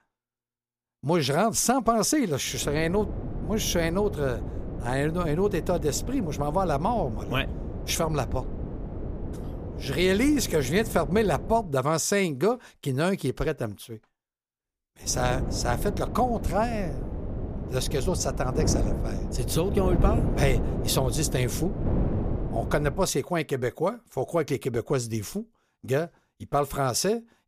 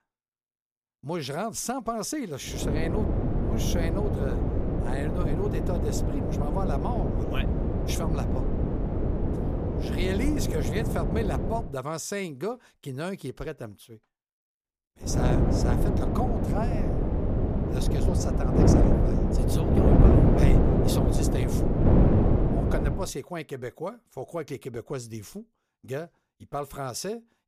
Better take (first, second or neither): first